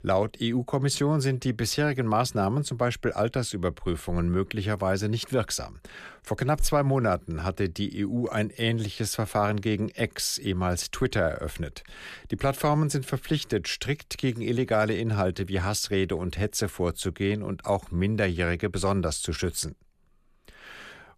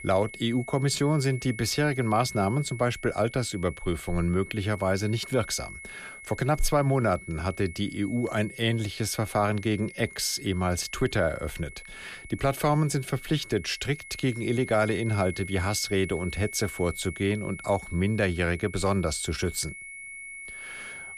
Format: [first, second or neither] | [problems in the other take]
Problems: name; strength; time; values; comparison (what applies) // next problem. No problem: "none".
first | high-pitched whine; noticeable; throughout; 2 kHz, 15 dB below the speech